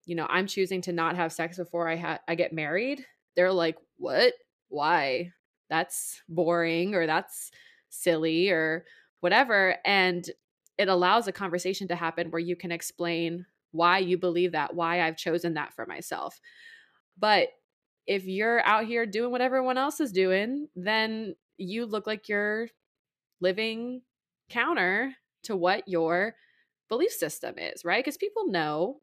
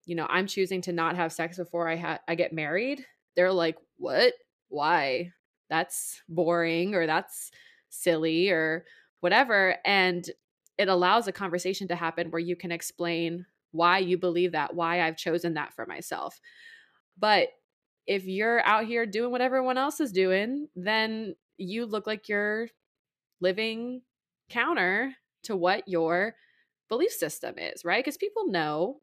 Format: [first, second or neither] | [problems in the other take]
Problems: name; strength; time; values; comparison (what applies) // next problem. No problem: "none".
neither | none